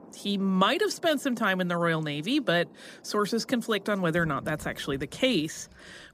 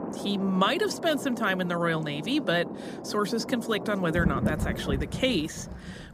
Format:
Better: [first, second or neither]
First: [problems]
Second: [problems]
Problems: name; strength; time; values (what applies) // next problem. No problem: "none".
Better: first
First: rain or running water; faint; throughout; 25 dB below the speech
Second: rain or running water; loud; throughout; 7 dB below the speech